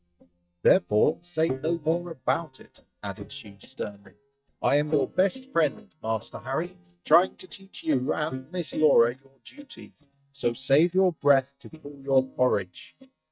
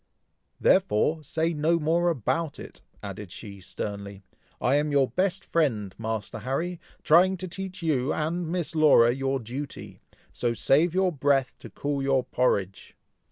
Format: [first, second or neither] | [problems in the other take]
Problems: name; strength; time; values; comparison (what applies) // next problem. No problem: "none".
second | noise reduction (neural mask model DeepFilterNet 3)